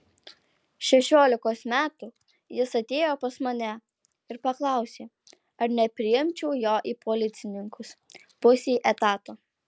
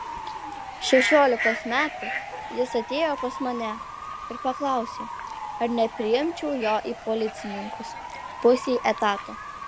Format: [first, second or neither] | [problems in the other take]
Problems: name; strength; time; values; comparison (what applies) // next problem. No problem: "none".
first | background sound (Bird / Fowl); 7 dB below the speech